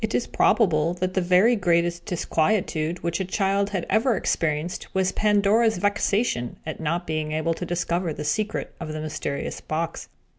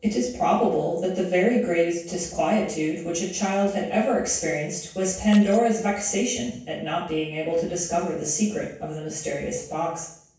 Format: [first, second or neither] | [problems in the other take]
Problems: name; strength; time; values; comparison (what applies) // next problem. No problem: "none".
first | noise reduction (neural separator model SepFormer DNS4)